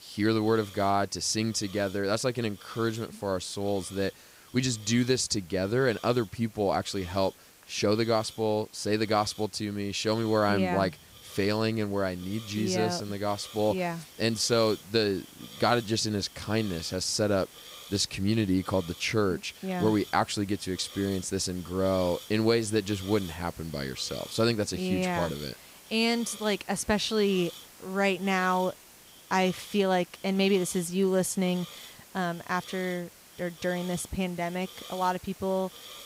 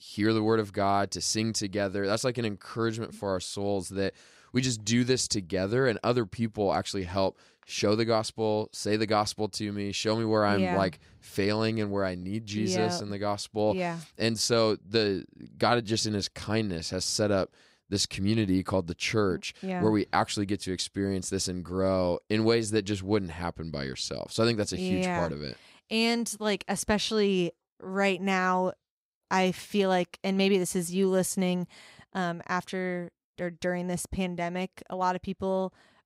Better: second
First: hiss; noticeable; throughout; 20 dB below the speech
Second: none

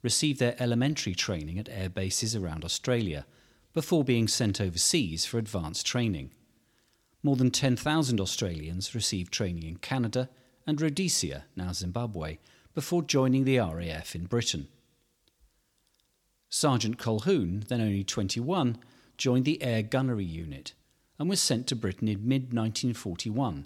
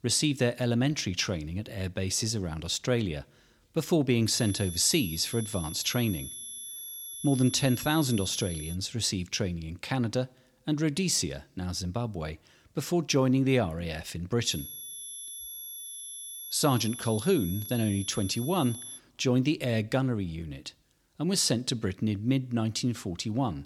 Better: first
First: none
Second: high-pitched whine; loud; from 4.5 to 8.5 s and from 14 to 19 s; 11 kHz, 10 dB below the speech

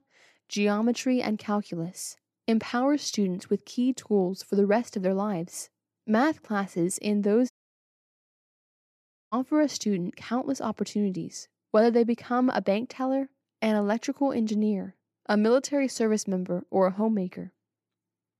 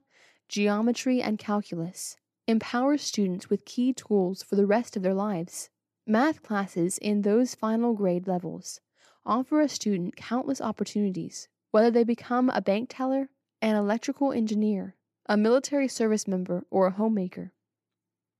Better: second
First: audio cutting out; at 7.5 s for 2 s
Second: none

